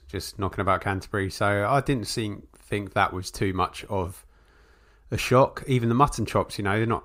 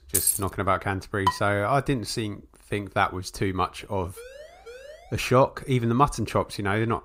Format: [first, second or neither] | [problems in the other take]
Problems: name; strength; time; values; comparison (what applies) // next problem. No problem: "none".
first | jangling keys; loud; at the start; peak 4 dB above the speech // clattering dishes; noticeable; at 1.5 s; peak 2 dB below the speech // siren; faint; at 4 s; peak 20 dB below the speech